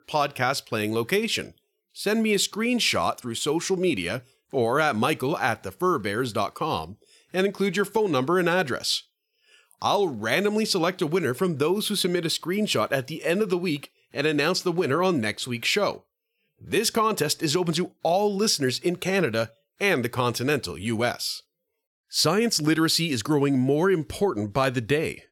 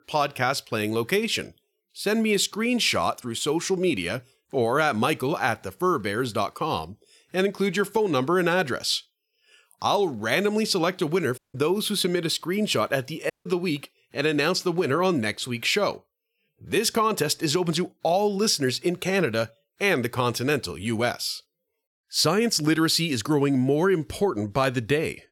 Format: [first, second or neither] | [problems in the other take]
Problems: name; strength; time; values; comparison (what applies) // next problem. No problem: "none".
first | audio cutting out; at 11 s and at 13 s